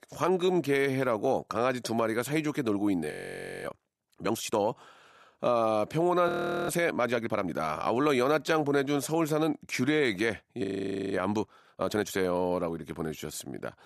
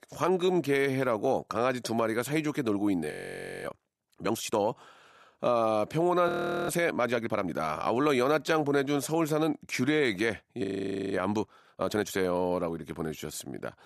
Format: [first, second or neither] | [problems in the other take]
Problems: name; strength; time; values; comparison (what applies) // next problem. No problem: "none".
neither | audio freezing; at 3 s for 0.5 s, at 6.5 s and at 11 s for 0.5 s; the same in both